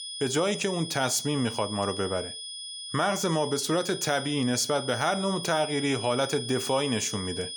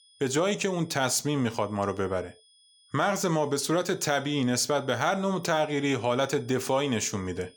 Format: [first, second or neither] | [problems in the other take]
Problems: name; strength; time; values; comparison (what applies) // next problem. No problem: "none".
second | high-pitched whine; loud; throughout; 3.5 kHz, 8 dB below the speech; faint in the second